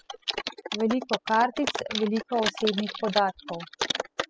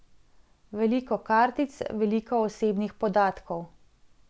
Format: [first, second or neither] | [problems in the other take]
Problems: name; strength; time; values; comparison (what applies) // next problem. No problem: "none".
second | noise reduction (classical method spectral subtraction)